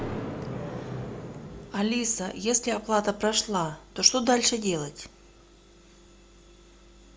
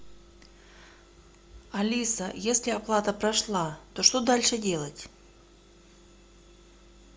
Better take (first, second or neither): second